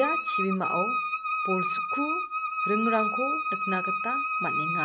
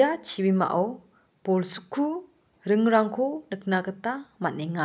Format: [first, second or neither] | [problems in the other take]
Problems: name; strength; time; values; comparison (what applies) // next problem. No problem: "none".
second | background sound (Wind instrument, woodwind instrument); 3 dB above the speech